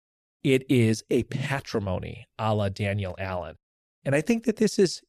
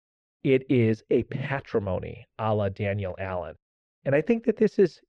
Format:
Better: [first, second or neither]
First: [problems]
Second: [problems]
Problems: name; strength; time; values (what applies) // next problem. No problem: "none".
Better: first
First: none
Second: muffled; very; fading above 2 kHz